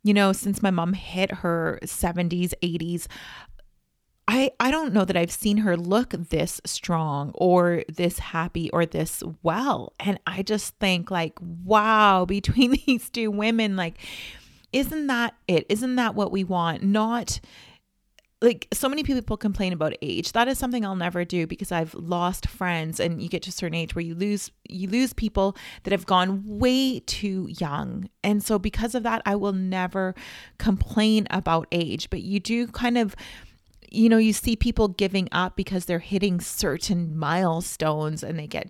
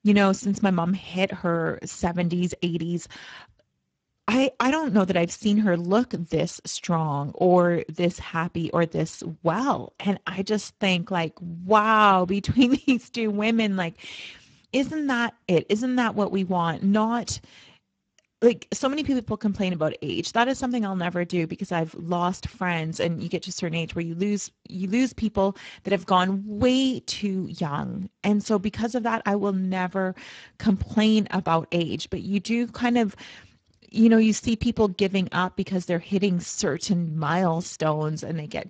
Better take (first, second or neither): first